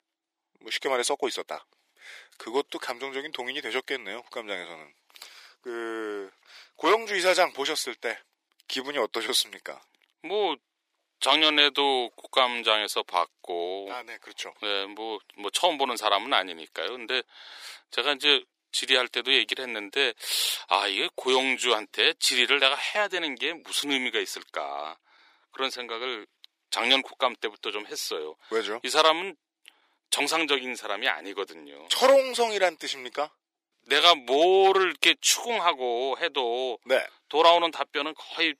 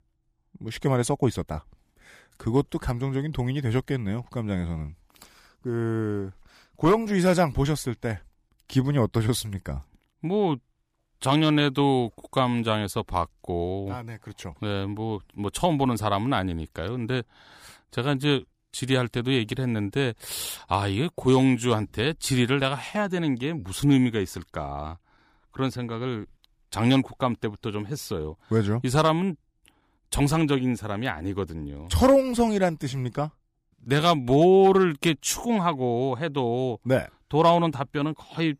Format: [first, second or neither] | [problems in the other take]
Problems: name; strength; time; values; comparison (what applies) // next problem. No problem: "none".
second | thin; very; fading below 400 Hz